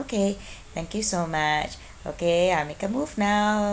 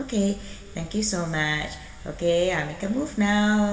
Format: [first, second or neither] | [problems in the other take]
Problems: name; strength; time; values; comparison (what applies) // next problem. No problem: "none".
first | room echo; dies away in 1.4 s